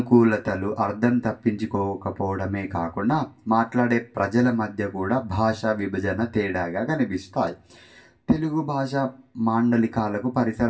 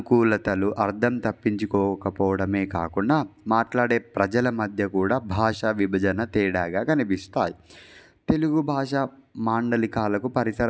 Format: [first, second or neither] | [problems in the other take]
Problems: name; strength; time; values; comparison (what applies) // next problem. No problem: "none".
second | room echo; dies away in 0.2 s